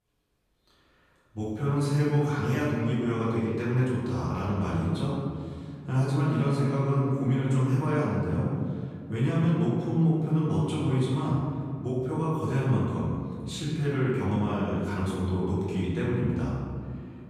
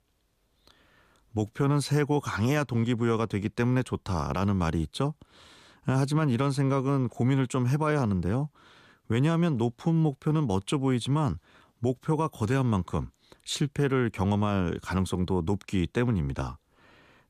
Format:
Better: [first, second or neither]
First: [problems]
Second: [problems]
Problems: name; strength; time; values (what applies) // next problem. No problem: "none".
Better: second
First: off-mic speech; far // room echo; strong; dies away in 2 s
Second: none